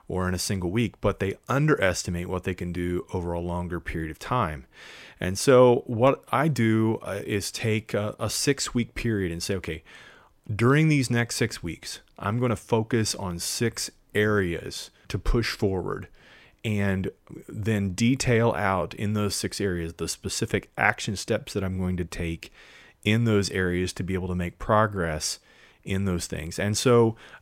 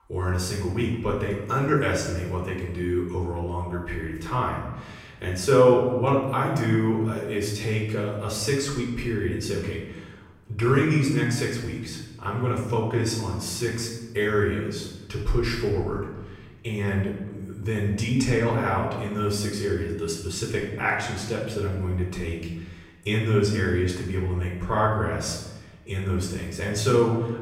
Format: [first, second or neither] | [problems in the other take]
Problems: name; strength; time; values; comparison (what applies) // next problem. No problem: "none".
first | off-mic speech; far // room echo; noticeable; dies away in 1 s